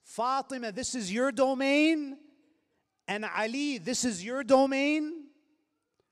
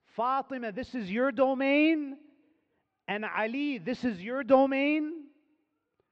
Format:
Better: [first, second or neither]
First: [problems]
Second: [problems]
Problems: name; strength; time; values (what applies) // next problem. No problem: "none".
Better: first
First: none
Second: muffled; very; fading above 3 kHz